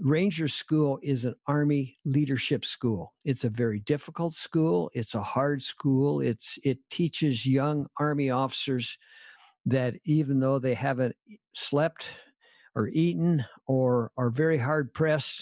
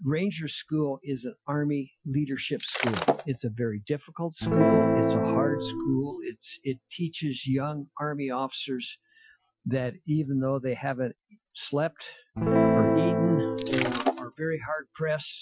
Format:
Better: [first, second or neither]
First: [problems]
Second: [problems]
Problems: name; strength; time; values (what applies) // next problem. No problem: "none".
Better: first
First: none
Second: noise reduction (classical method Wiener filter)